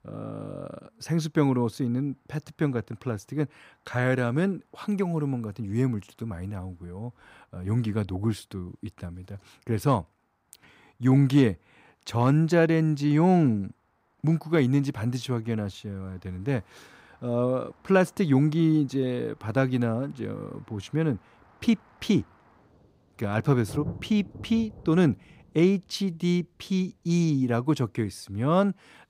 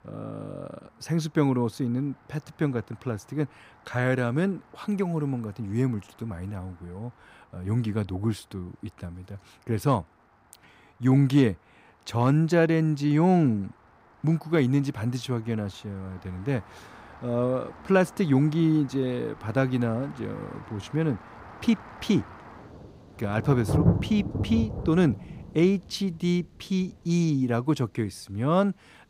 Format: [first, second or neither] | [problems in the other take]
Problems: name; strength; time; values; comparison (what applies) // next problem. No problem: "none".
first | rain or running water; loud; throughout; 9 dB below the speech; faint in the first